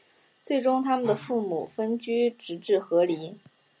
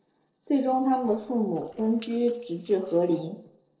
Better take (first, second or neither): first